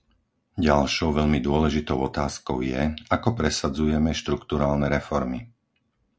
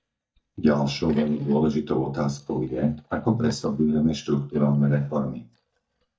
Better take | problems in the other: first | noise reduction (neural mask model DeepFilterNet 3)

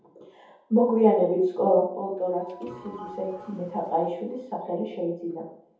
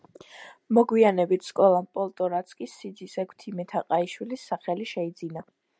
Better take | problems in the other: second | background sound (Sliding door / Doorbell); 20 dB below the speech // room echo; dies away in 0.7 s

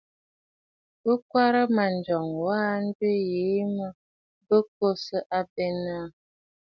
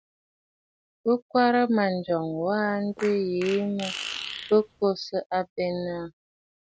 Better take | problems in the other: first | background sound (Fart); 11 dB below the speech

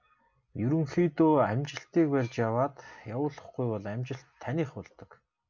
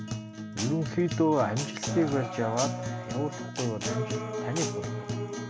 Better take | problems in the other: first | background sound (Acoustic guitar); 3 dB below the speech

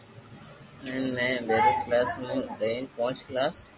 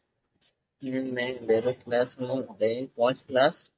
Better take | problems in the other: first | noise reduction (neural mask model DeepFilterNet 3)

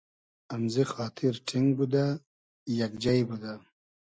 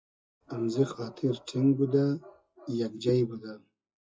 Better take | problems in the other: first | noise reduction (classical method WPE with log-MMSE)

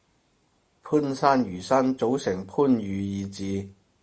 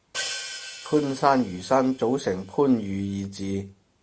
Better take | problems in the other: first | background sound (Hi-hat); 13 dB below the speech

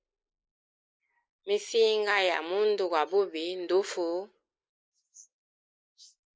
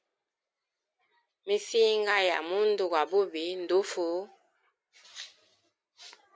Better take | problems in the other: second | noise reduction (neural mask model Resemble Enhance denoiser)

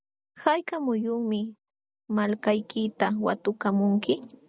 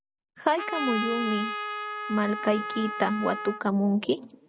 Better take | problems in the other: first | background sound (Trumpet); 6 dB below the speech

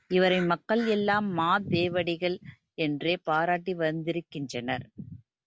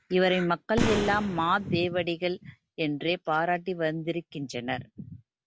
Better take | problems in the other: first | background sound (Boom); 3 dB below the speech

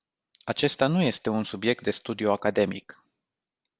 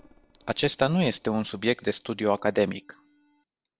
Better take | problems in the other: first | noise reduction (neural separator model SepFormer DNS4)

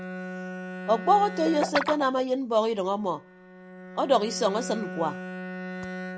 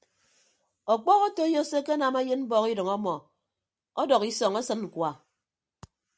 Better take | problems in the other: second | background sound (Bowed string instrument + Guitar); 8 dB below the speech

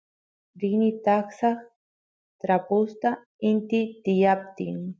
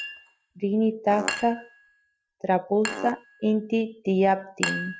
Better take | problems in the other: first | background sound (Fart + Chink, clink); 10 dB below the speech

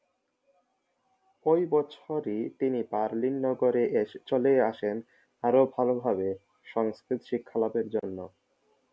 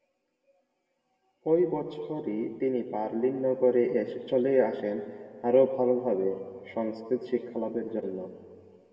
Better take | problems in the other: first | room echo; dies away in 1.8 s

